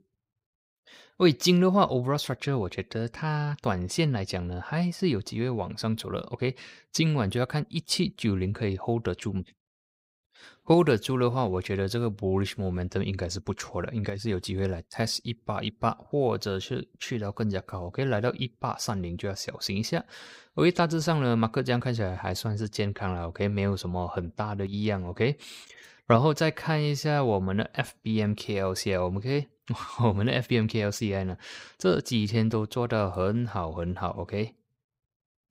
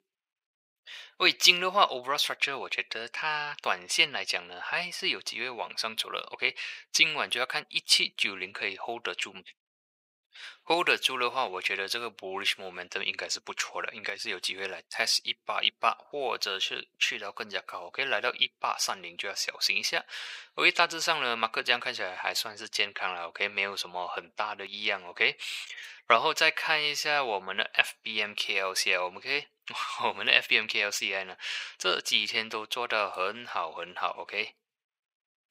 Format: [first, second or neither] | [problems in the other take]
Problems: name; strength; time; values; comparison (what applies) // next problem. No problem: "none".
first | thin; very; fading below 850 Hz